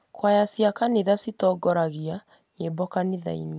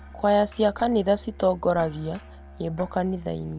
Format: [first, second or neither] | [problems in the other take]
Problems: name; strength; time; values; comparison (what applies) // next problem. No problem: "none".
first | background sound (Tick-tock + Musical instrument); 18 dB below the speech